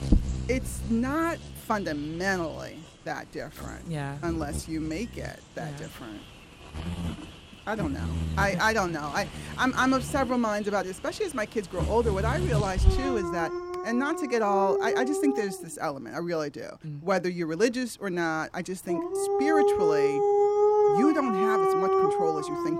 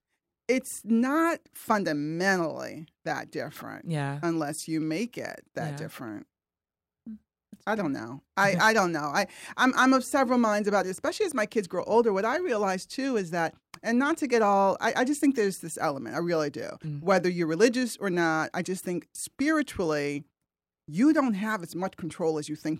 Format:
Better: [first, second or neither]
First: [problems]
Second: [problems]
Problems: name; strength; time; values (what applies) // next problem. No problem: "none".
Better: second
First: animal sounds; very loud; throughout; 1 dB above the speech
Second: none